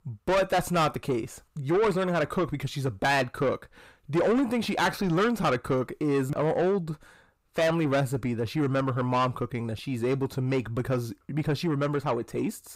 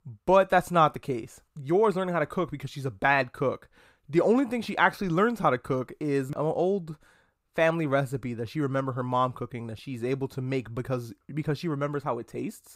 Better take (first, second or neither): second